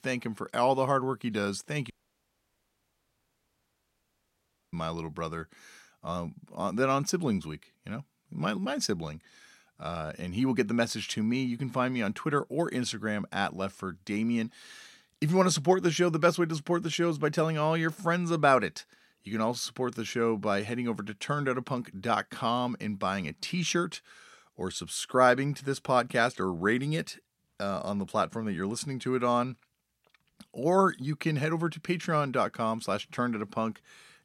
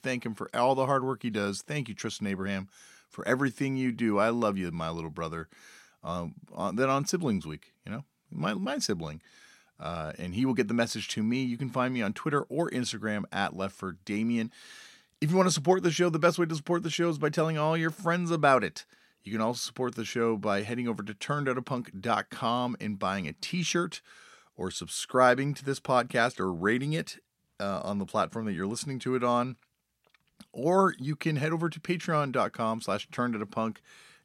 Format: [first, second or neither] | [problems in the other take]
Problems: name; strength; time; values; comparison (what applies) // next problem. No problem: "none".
second | audio cutting out; at 2 s for 3 s